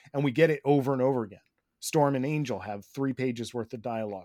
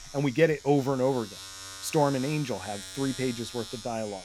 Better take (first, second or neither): first